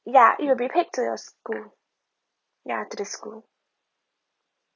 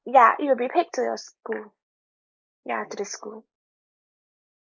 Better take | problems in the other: first | noise reduction (neural mask model Resemble Enhance denoiser)

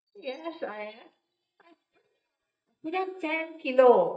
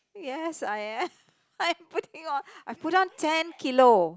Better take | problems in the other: second | noise reduction (neural mask model DeepFilterNet 3)

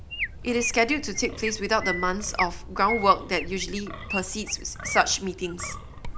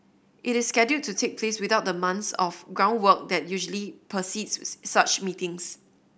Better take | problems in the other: second | background sound (Chirp, tweet + Wind); 7 dB below the speech

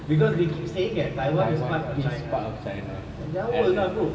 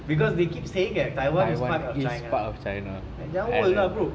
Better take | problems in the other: second | background sound (Truck); 18 dB below the speech // room echo; dies away in 2 s

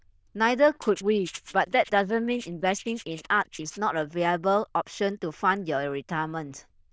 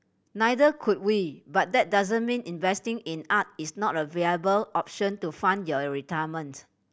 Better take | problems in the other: second | noise reduction (neural diffusion model UNIVERSE++)

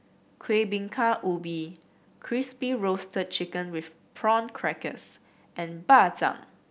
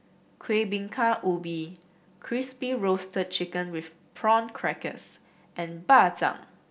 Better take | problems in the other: first | room echo; dies away in 0.2 s

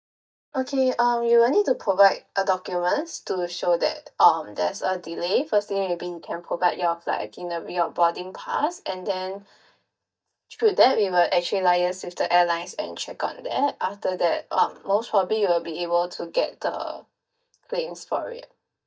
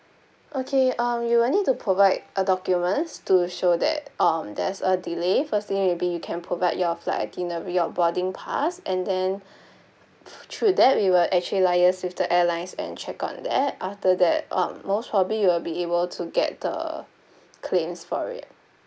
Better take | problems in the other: second | noise reduction (neural mask model DeepFilterNet 3)

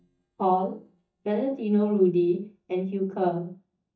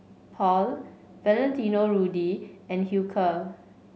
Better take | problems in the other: second | noise reduction (neural mask model DeepFilterNet 3)

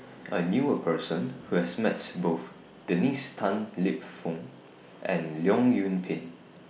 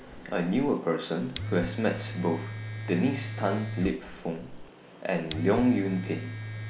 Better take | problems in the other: first | background sound (Domestic sounds, home sounds); 8 dB below the speech

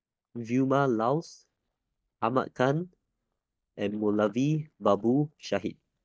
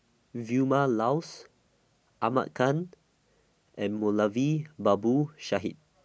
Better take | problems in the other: second | noise reduction (neural mask model DeepFilterNet 3)

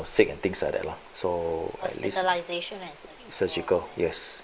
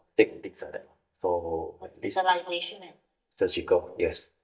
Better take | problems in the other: first | noise reduction (neural mask model DeepFilterNet 3)

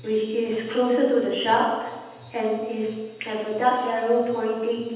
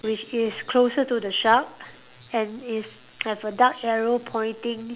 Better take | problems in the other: second | room echo; dies away in 1.1 s

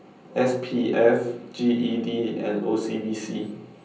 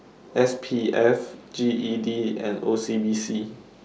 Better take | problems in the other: second | room echo; dies away in 0.6 s

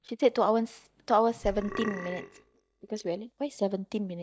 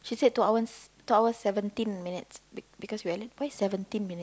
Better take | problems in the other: second | noise reduction (neural mask model DeepFilterNet 3)

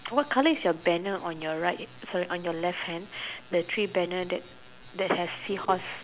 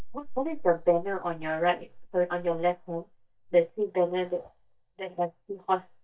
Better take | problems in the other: first | noise reduction (neural mask model DeepFilterNet 3)

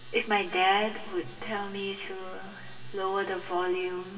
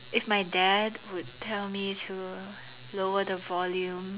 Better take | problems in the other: second | room echo; dies away in 1.6 s

